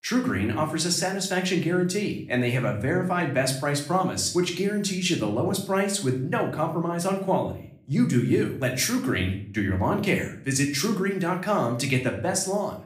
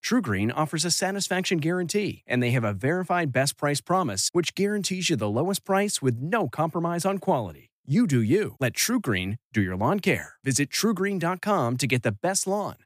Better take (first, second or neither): second